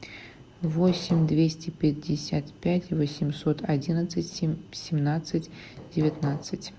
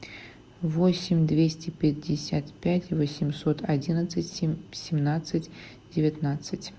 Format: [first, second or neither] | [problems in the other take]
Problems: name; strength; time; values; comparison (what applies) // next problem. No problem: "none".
second | background sound (Hammer); 13 dB below the speech